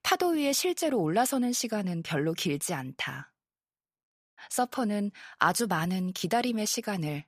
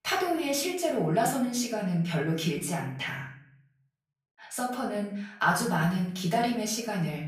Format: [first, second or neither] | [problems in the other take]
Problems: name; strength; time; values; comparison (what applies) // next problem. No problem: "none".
first | off-mic speech; far // room echo; slight; dies away in 0.5 s